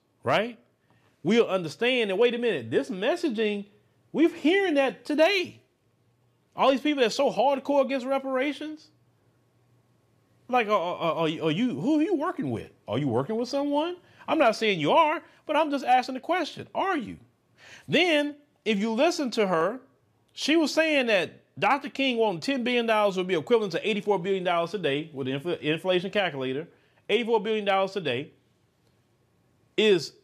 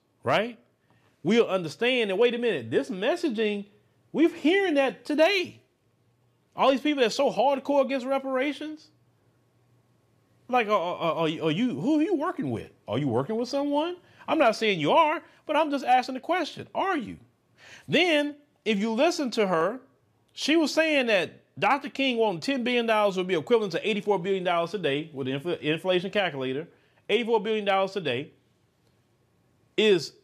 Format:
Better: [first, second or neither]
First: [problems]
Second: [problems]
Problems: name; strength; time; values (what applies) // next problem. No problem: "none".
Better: neither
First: none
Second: none